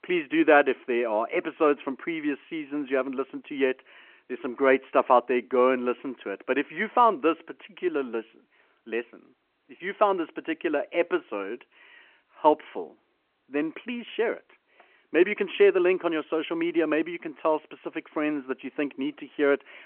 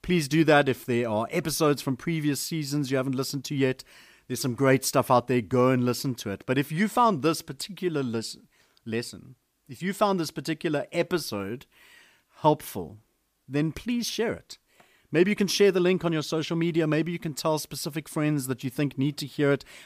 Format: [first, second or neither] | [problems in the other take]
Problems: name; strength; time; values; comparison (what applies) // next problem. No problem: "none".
second | phone-call audio